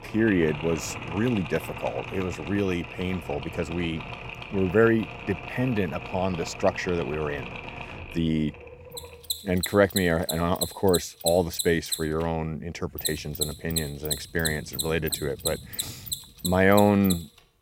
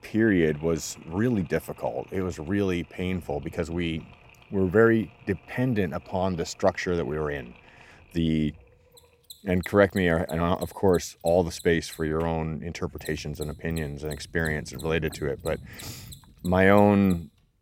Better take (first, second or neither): second